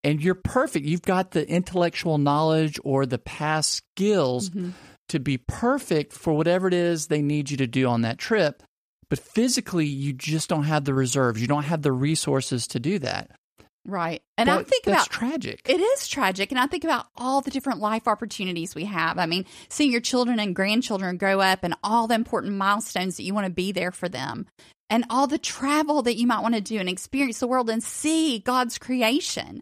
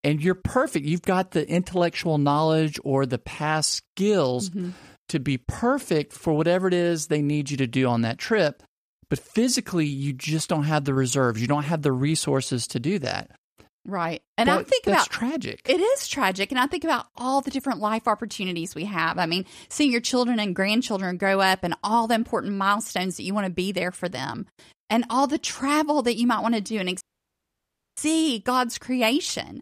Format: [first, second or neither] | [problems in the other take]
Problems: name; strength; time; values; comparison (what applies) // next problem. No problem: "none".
first | audio cutting out; at 27 s for 1 s